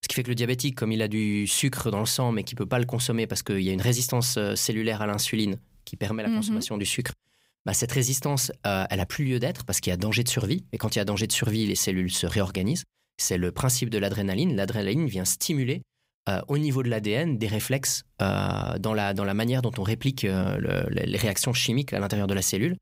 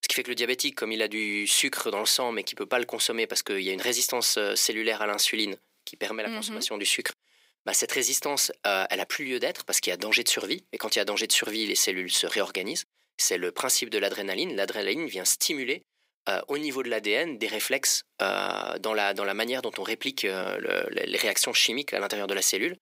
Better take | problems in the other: first | thin; very; fading below 300 Hz

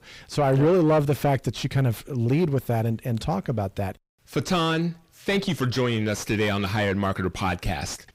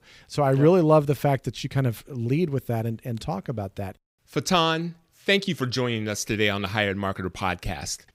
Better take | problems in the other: second | distortion; heavy; 7 dB below the speech

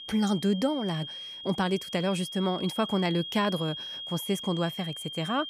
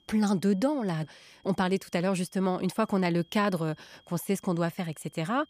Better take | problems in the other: second | high-pitched whine; loud; throughout; 3.5 kHz, 8 dB below the speech; faint in the second

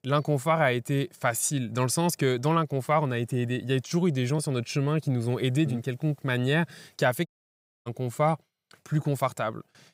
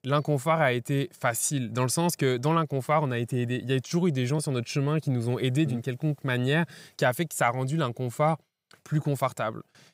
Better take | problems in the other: second | audio cutting out; at 7.5 s for 0.5 s

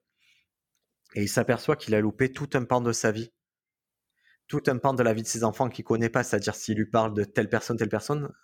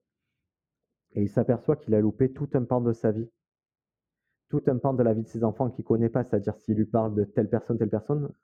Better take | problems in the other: first | muffled; very; fading above 1.5 kHz

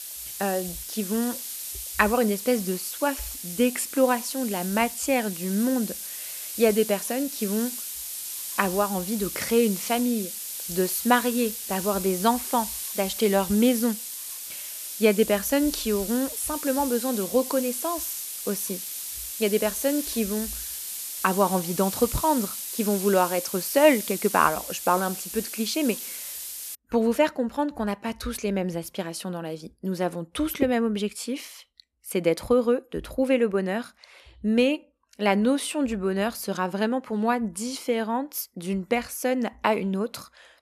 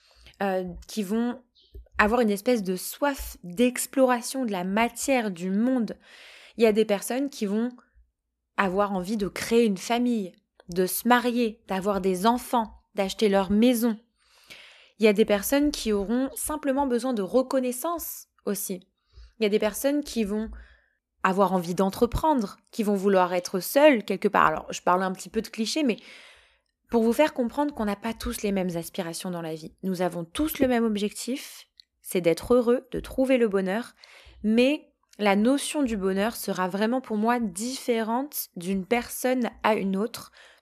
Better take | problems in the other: second | hiss; loud; until 27 s; 6 dB below the speech

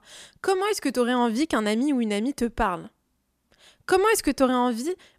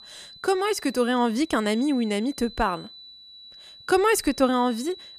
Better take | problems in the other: first | high-pitched whine; noticeable; throughout; 4 kHz, 20 dB below the speech

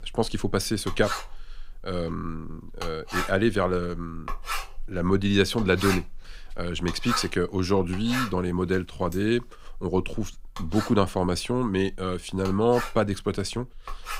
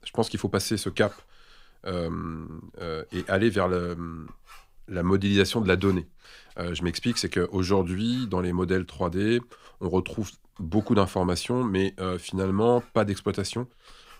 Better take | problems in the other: second | household noises; loud; throughout; 9 dB below the speech; faint in the second

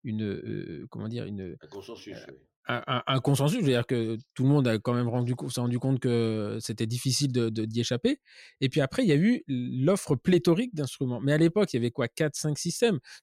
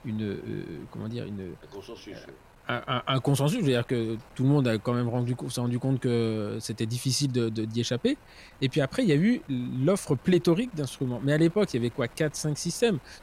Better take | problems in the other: first | wind noise on the microphone; occasional gusts; 25 dB below the speech

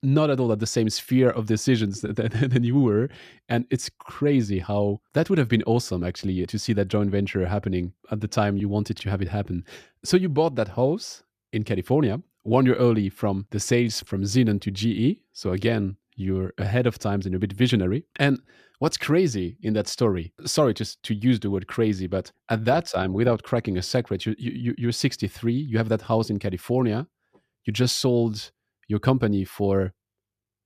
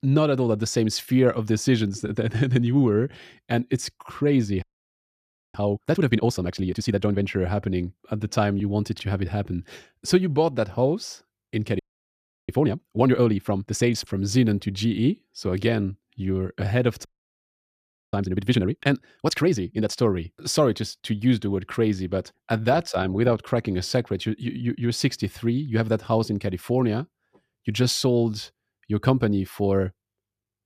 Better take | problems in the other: first | audio freezing; at 4.5 s for 1 s, at 12 s for 0.5 s and at 17 s for 1 s

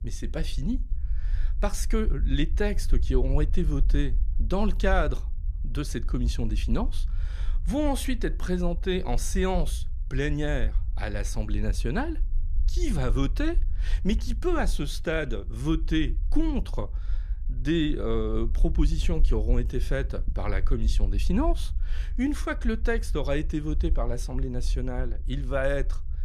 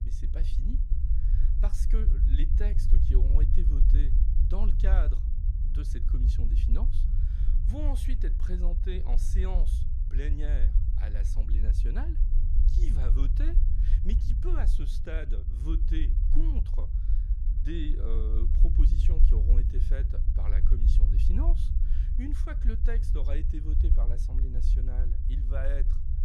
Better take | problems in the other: first | low rumble; loud; throughout; 4 dB below the speech; faint in the first

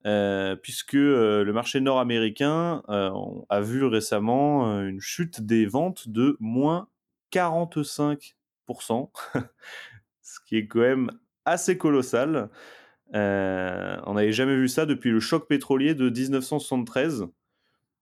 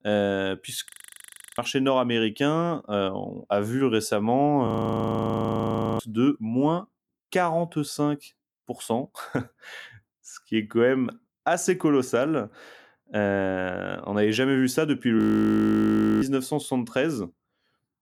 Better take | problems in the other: first | audio freezing; at 1 s for 0.5 s, at 4.5 s for 1.5 s and at 15 s for 1 s

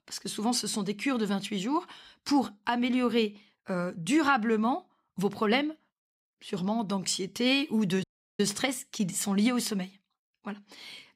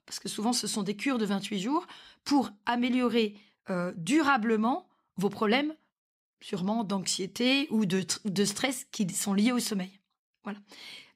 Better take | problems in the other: second | audio cutting out; at 8 s

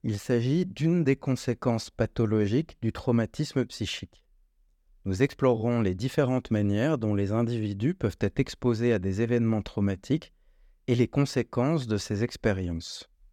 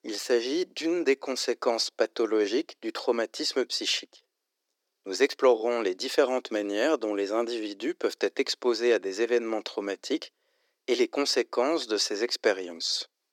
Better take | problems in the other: first | thin; very; fading below 300 Hz

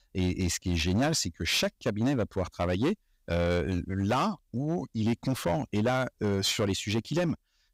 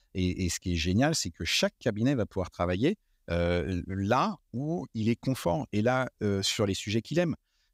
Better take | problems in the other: second | distortion; slight; 10% of the sound clipped

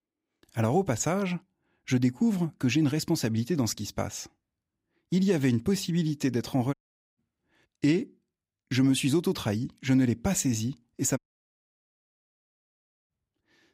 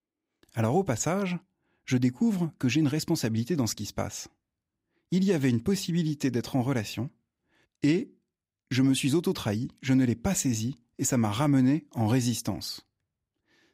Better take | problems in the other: second | audio cutting out; at 6.5 s and at 11 s for 2 s

